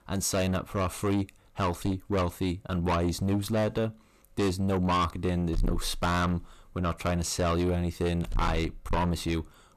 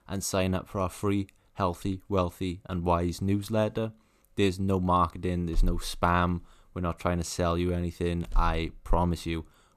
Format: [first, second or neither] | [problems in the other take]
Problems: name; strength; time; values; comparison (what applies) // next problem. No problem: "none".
second | distortion; heavy; 7 dB below the speech